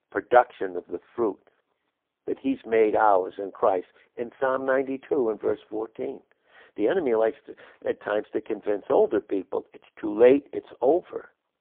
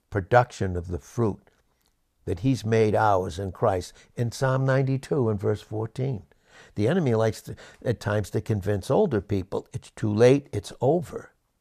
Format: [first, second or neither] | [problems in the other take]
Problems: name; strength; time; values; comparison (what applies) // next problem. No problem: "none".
second | phone-call audio; poor line